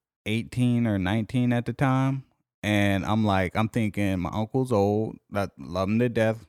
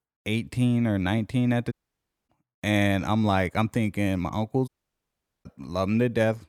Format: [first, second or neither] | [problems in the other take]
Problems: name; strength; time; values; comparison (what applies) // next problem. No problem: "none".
first | audio cutting out; at 1.5 s for 0.5 s and at 4.5 s for 1 s